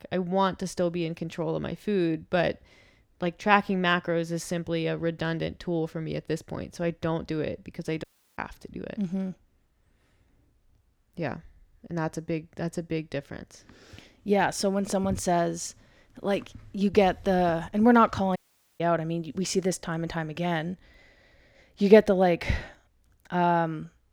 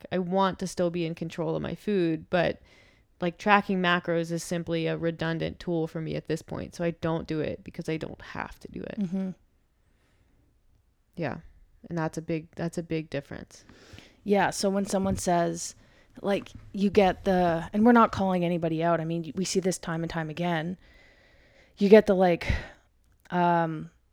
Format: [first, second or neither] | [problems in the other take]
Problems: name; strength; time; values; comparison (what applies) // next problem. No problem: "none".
second | audio cutting out; at 8 s and at 18 s